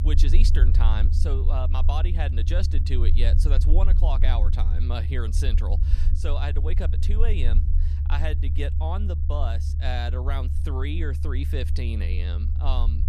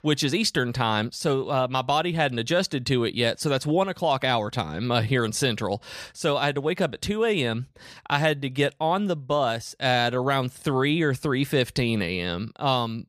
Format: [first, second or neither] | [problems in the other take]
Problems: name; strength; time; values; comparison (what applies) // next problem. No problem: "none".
second | low rumble; loud; throughout; 7 dB below the speech